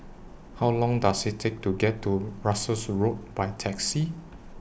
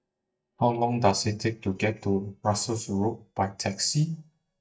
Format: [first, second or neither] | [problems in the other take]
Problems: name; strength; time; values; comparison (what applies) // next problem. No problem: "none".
first | noise reduction (neural mask model DeepFilterNet 3)